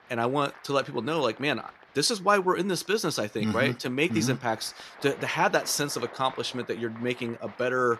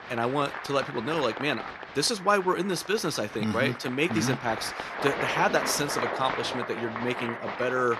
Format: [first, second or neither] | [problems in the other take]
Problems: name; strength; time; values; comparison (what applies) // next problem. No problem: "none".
first | crowd noise; loud; throughout; 6 dB below the speech; faint in the first